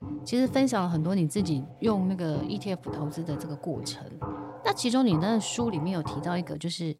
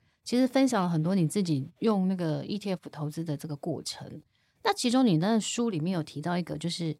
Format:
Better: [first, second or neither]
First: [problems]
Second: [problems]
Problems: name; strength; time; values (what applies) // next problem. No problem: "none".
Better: second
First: footsteps; noticeable; until 6.5 s; peak 8 dB below the speech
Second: none